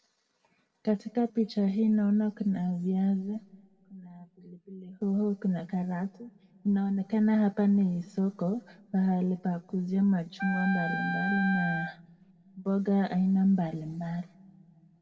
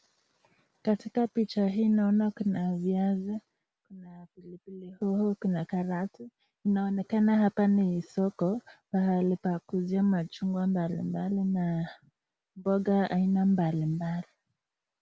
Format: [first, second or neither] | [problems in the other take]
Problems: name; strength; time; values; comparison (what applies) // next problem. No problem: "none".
second | background sound (Wind instrument, woodwind instrument); 5 dB below the speech // room echo; dies away in 1.5 s